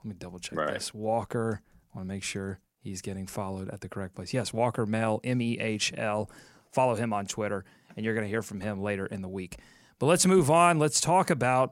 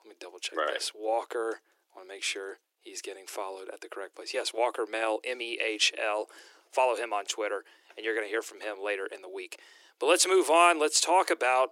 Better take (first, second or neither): first